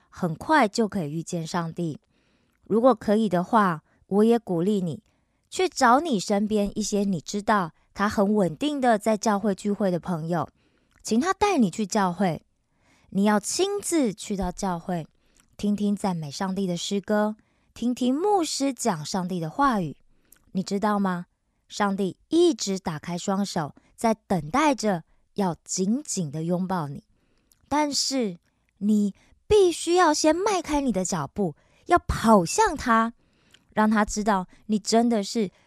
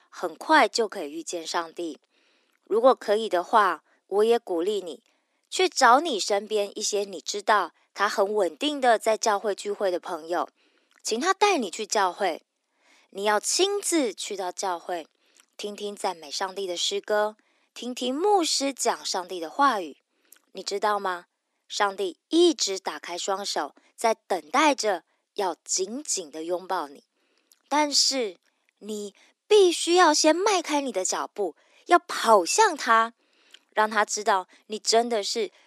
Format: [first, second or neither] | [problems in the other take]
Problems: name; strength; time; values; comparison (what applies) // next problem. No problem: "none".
first | thin; somewhat; fading below 300 Hz